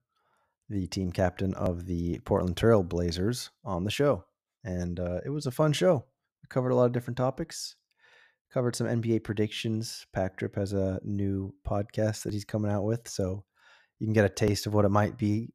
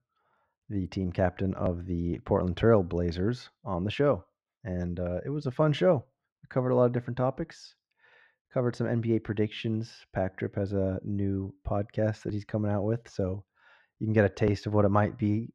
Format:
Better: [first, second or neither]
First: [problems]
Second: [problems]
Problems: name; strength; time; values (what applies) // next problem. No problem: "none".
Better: first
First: none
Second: muffled; slightly; fading above 3 kHz